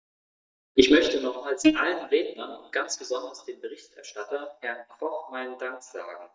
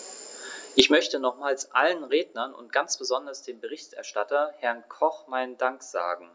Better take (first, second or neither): second